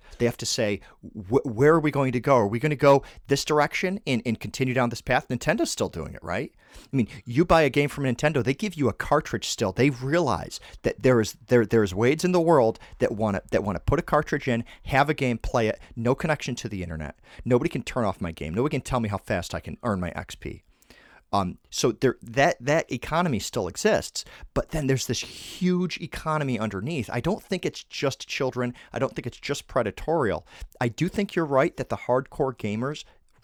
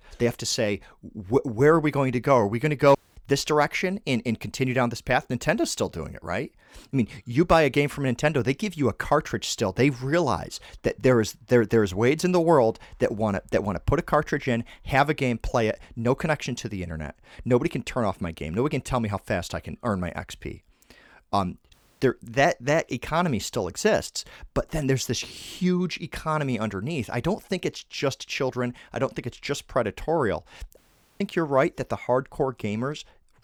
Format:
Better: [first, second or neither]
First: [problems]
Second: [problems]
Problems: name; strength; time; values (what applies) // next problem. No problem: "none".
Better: first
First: none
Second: audio cutting out; at 3 s, at 22 s and at 31 s